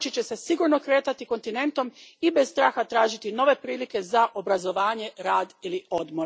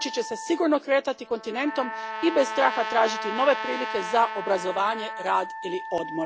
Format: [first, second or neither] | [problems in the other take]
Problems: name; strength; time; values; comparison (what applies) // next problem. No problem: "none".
first | background sound (Wind instrument, woodwind instrument + Trumpet); 8 dB below the speech